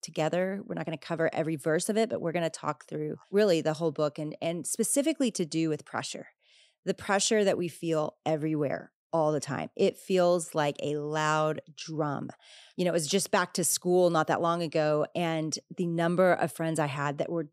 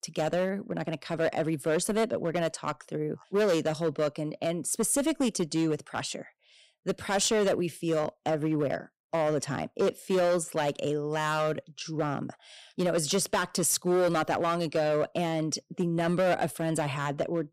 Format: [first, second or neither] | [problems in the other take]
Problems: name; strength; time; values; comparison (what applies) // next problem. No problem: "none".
first | distortion; slight; 7% of the sound clipped